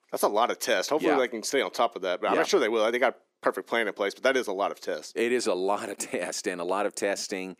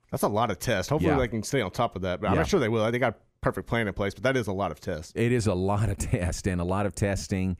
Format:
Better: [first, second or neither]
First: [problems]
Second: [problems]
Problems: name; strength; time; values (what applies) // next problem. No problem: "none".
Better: second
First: thin; somewhat; fading below 300 Hz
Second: none